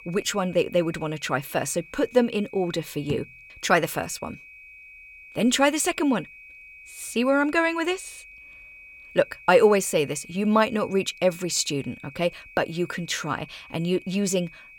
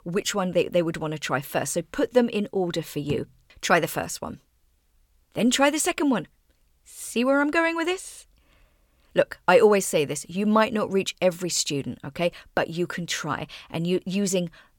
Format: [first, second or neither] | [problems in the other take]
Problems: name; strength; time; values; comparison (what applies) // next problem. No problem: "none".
second | high-pitched whine; noticeable; throughout; 2.5 kHz, 20 dB below the speech